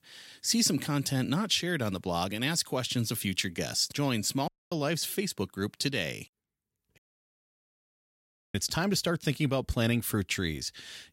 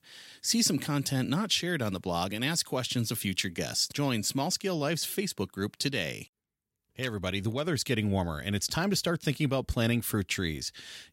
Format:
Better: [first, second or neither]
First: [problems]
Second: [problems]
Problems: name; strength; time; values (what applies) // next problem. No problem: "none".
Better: second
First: audio cutting out; at 4.5 s and at 7 s for 1.5 s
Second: none